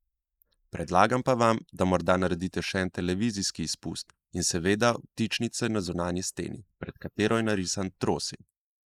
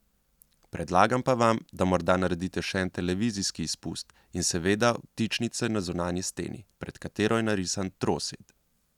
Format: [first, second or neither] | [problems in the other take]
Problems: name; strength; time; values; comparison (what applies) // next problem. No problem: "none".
second | noise reduction (neural mask model Resemble Enhance denoiser)